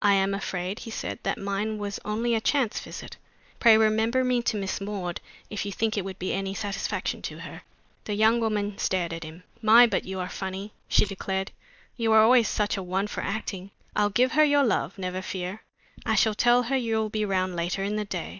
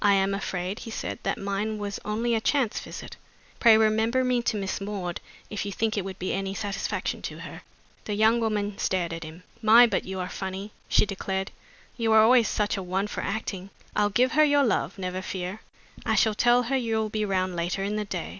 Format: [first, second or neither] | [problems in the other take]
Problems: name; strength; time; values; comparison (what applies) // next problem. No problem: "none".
second | noise reduction (neural mask model DeepFilterNet 3)